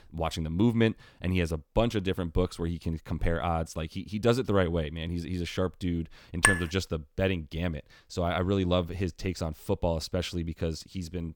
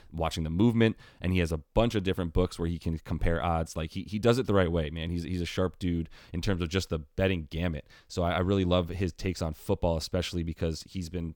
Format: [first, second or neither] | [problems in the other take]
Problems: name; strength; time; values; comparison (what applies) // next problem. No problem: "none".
second | clattering dishes; loud; at 6.5 s; peak 6 dB above the speech